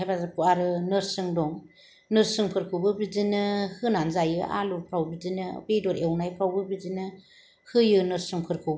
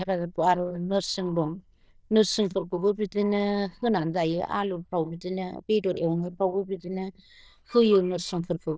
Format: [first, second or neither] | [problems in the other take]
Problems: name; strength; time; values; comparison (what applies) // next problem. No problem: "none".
first | noise reduction (neural diffusion model UNIVERSE++)